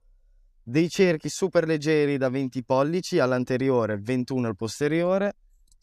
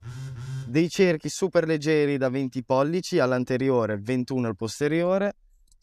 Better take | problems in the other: first | phone ringing; faint; at the start; peak 10 dB below the speech

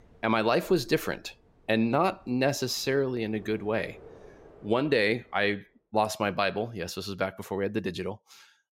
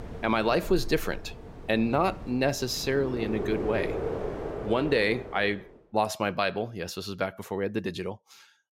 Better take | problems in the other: first | wind in the background; loud; until 5.5 s; 8 dB below the speech; faint in the first

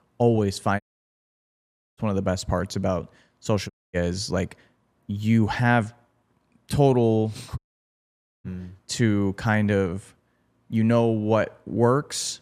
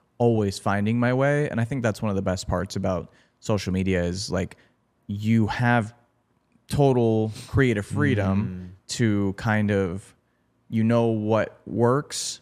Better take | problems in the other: second | audio cutting out; at 1 s for 1 s, at 3.5 s and at 7.5 s for 1 s

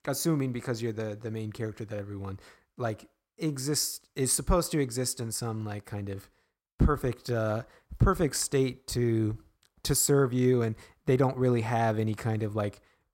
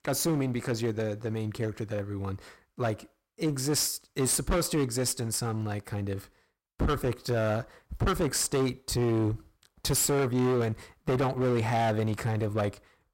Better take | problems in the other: first | distortion; heavy; 14% of the sound clipped

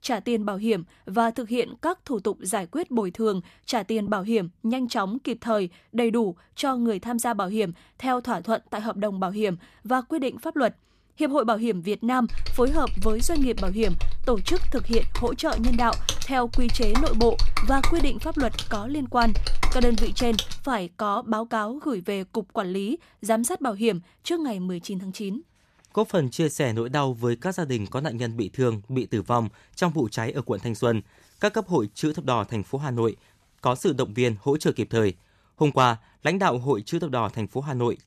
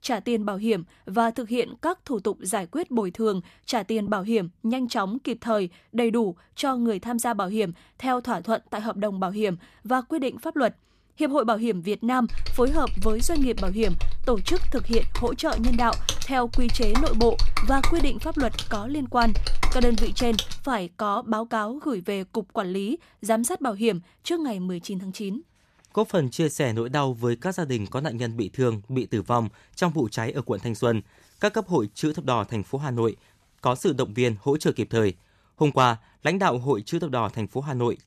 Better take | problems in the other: neither | keyboard typing; noticeable; from 12 to 21 s; peak 1 dB below the speech; the same in both

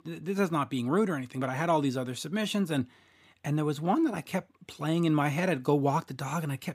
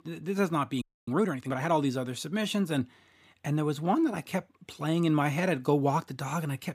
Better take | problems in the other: first | audio freezing; at 1 s

